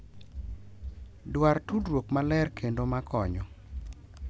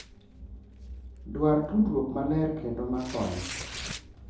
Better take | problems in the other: first | background sound (Tearing); 15 dB below the speech // room echo; dies away in 2.6 s

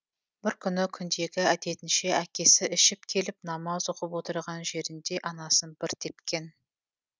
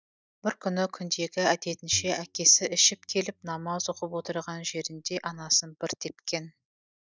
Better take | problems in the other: first | noise reduction (neural mask model DeepFilterNet 3)

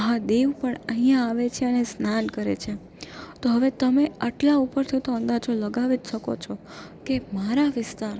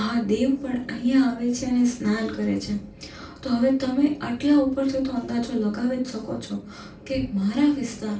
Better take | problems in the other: first | room echo; dies away in 0.3 s

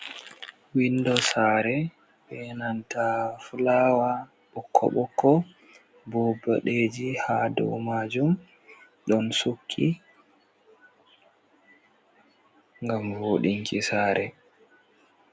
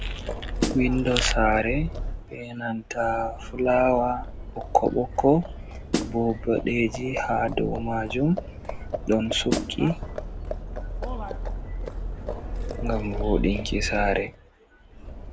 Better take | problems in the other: first | background sound (Livestock, farm animals, working animals + Snare drum); 5 dB below the speech

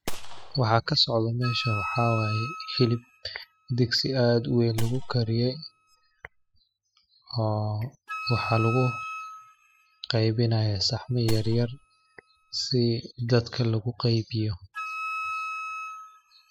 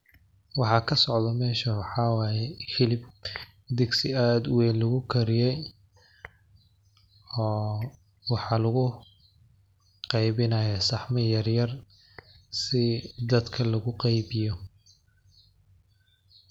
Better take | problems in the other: second | noise reduction (classical method spectral subtraction)

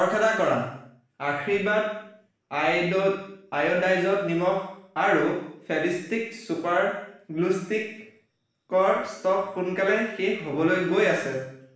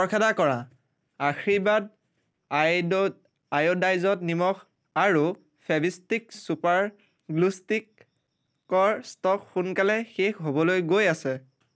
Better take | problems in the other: second | room echo; dies away in 0.7 s

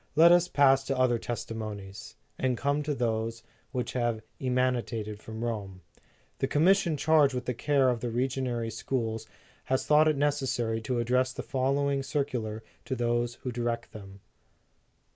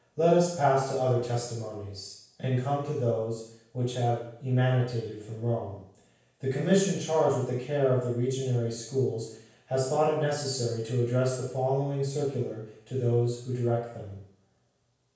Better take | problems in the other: first | room echo; dies away in 0.7 s

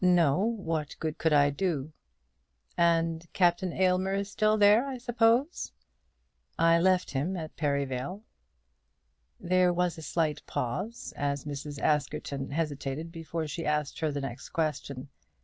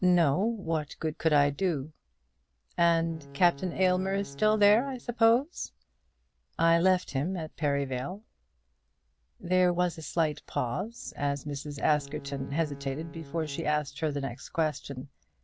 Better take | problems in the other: first | background sound (Bowed string instrument); 17 dB below the speech

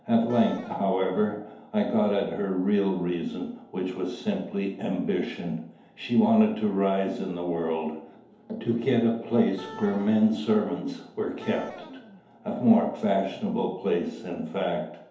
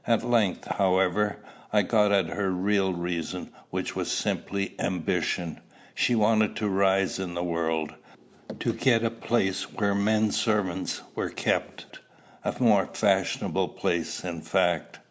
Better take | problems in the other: second | background sound (Wind instrument, woodwind instrument); 19 dB below the speech // room echo; dies away in 2.2 s

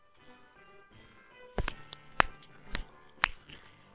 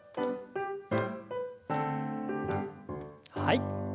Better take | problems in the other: second | noise reduction (neural separator model SepFormer WHAMR!)

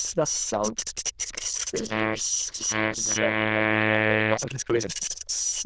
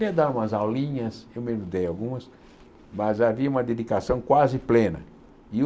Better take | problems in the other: second | noise reduction (neural diffusion model UNIVERSE++)

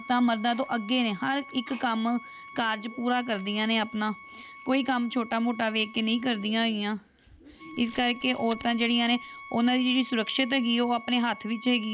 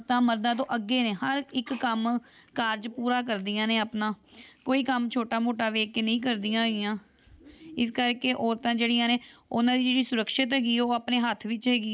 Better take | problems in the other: second | background sound (Bowed string instrument + Camera); 18 dB below the speech

